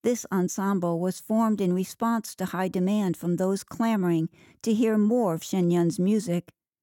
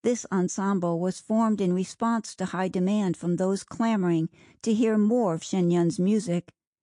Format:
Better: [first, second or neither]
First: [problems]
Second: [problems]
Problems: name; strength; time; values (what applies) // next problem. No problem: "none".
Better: first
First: none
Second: garbled, watery; slightly